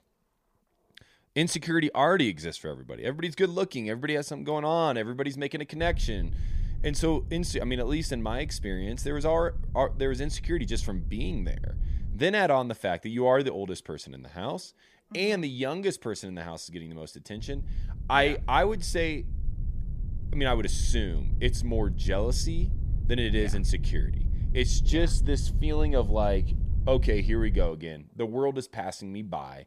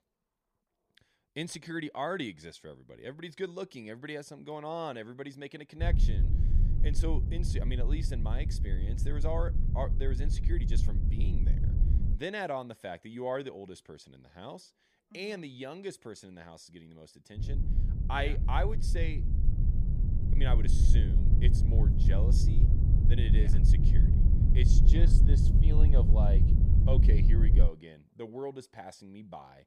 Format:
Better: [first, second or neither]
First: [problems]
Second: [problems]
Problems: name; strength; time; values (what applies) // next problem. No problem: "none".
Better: first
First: low rumble; faint; from 6 to 12 s and from 17 to 28 s; 20 dB below the speech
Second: low rumble; loud; from 6 to 12 s and from 17 to 28 s; 5 dB below the speech